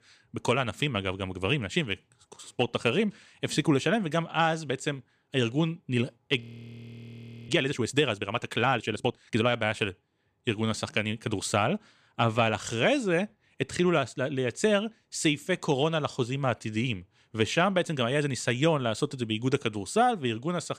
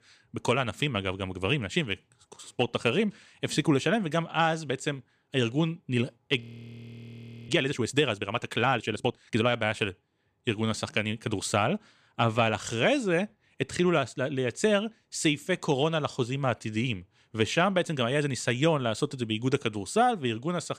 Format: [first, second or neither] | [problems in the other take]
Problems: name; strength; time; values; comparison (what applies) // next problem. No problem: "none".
neither | audio freezing; at 6.5 s for 1 s; the same in both